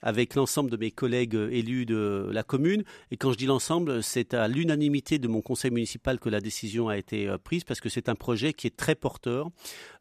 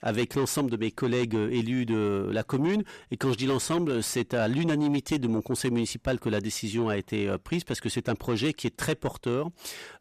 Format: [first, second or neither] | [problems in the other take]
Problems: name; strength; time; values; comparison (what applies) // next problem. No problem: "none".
first | distortion; slight; 10 dB below the speech